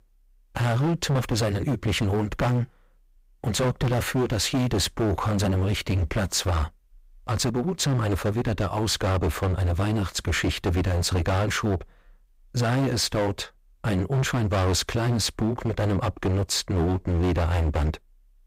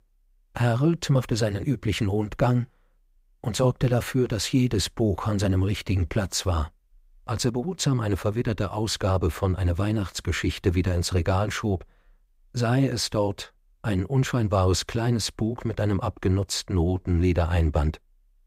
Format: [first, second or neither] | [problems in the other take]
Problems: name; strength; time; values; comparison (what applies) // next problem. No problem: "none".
second | distortion; heavy; 21% of the sound clipped